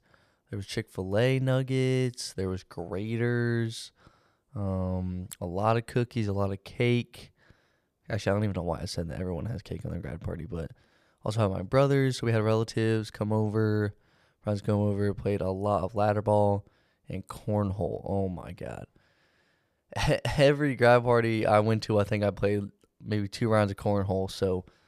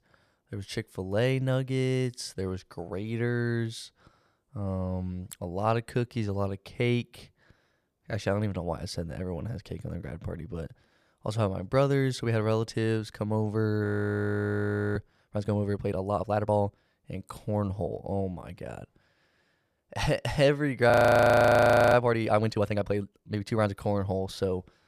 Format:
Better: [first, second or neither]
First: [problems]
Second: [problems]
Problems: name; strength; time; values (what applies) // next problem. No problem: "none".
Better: first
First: none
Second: audio freezing; at 14 s for 1 s and at 21 s for 1 s